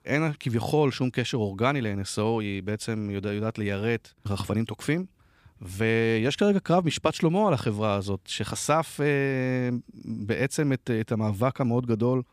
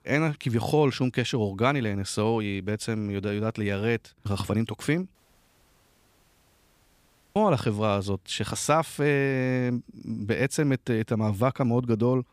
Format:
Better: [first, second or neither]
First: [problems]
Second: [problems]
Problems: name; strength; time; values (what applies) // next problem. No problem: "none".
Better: first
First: none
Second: audio cutting out; at 5 s for 2 s